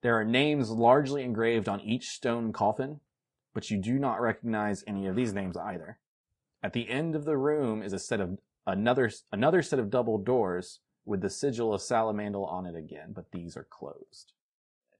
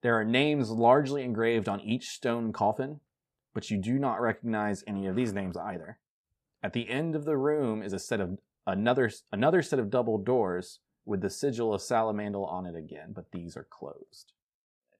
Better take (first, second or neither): second